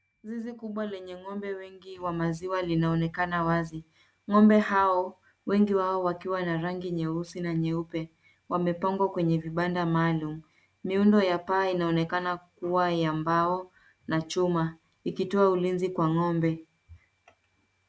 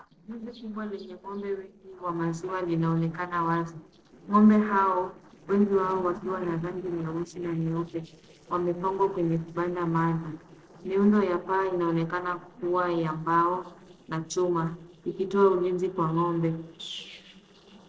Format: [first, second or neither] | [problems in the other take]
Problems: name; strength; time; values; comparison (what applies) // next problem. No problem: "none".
first | noise reduction (neural separator model SepFormer DNS4)